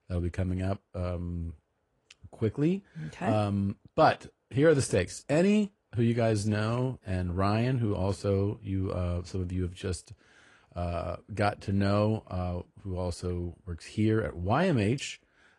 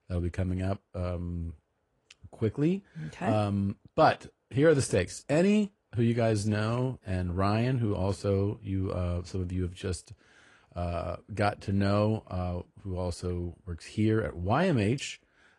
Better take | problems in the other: neither | garbled, watery; slightly; the same in both

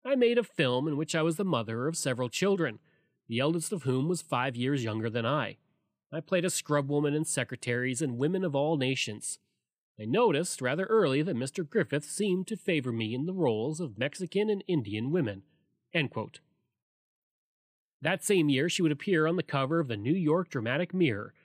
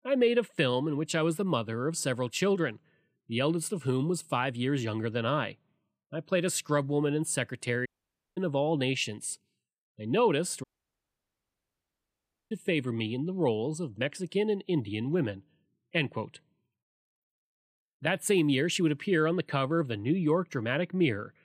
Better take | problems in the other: first | audio cutting out; at 8 s and at 11 s for 2 s

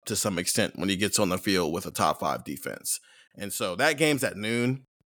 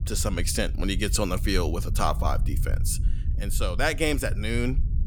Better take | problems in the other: first | low rumble; noticeable; throughout; 20 dB below the speech

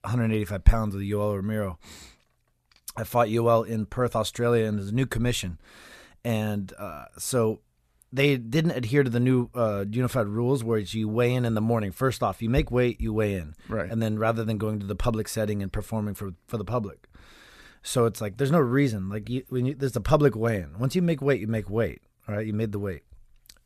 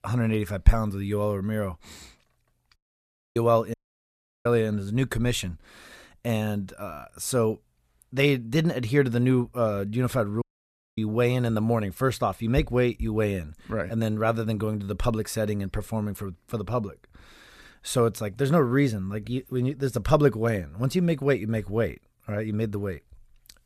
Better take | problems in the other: first | audio cutting out; at 3 s for 0.5 s, at 3.5 s for 0.5 s and at 10 s for 0.5 s

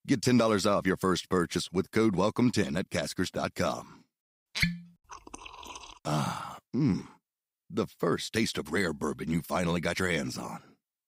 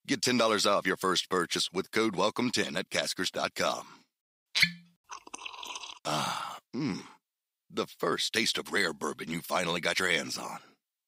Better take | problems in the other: first | thin; very slightly; fading below 1 kHz

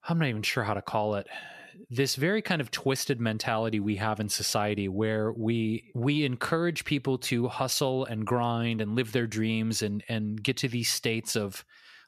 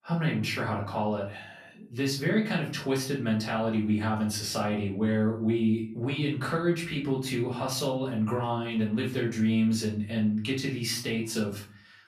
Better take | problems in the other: first | off-mic speech; far // room echo; slight; dies away in 0.4 s

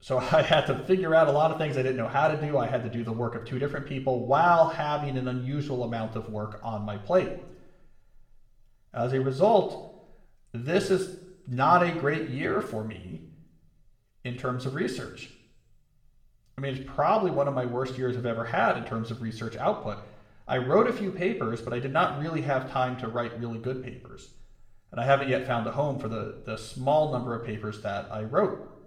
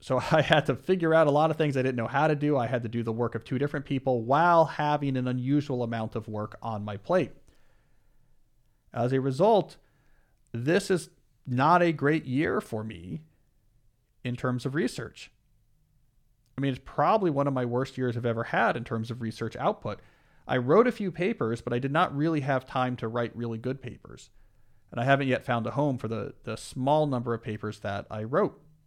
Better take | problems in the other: second | room echo; slight; dies away in 0.6 s // off-mic speech; somewhat distant

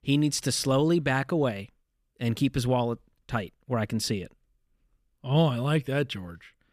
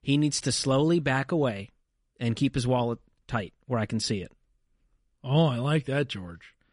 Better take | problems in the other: first | garbled, watery; slightly; nothing above 10.5 kHz

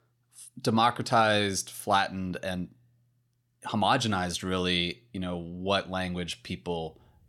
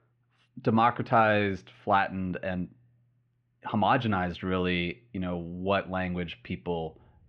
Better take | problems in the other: first | muffled; very; fading above 2.5 kHz

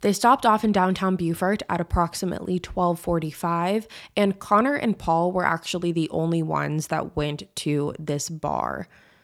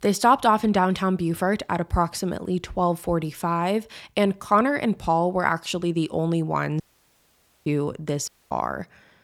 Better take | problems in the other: first | audio cutting out; at 7 s for 1 s and at 8.5 s

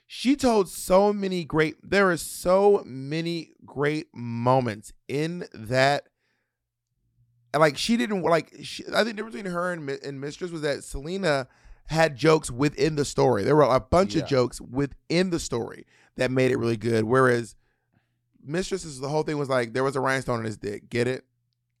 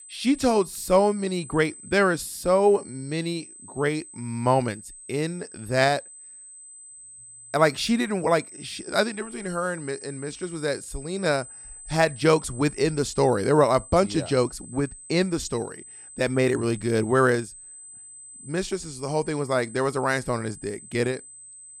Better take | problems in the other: first | high-pitched whine; noticeable; throughout; 8 kHz, 15 dB below the speech

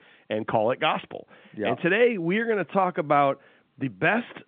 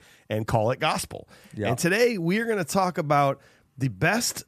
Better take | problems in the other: second | phone-call audio; nothing above 3.5 kHz

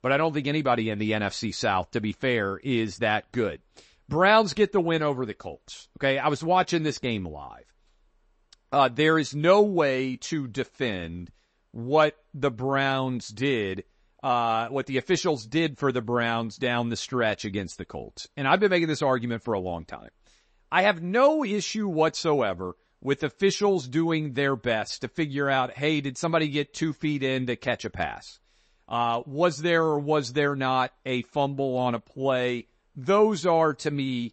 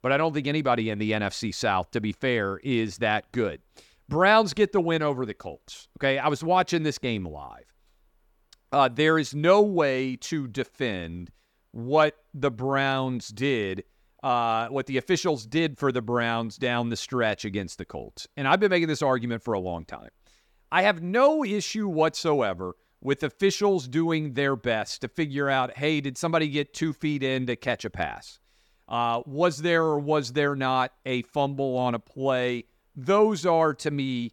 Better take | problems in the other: second | garbled, watery; slightly; nothing above 8 kHz

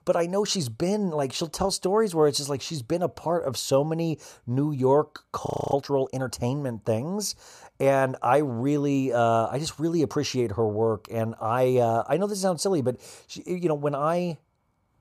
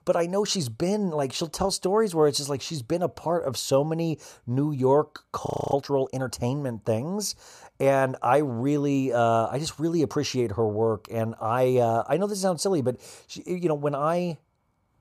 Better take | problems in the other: neither | audio freezing; at 5.5 s; the same in both

